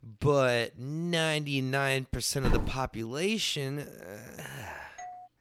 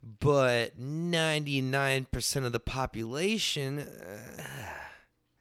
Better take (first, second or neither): second